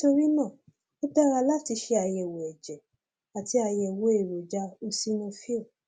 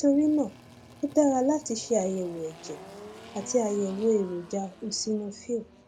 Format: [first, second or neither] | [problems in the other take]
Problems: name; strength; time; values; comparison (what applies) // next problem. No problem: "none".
first | background sound (Engine); 20 dB below the speech